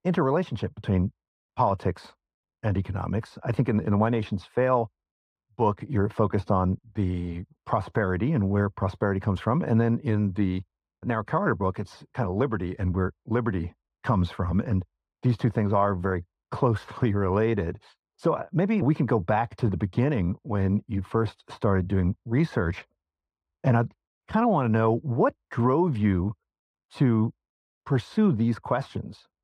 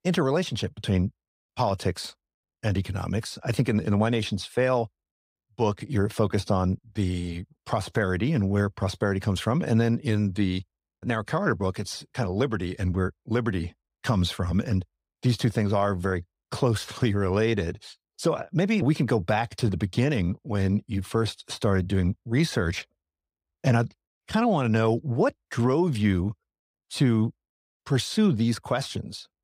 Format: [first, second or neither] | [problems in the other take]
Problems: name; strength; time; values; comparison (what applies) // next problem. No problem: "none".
second | muffled; very; fading above 3 kHz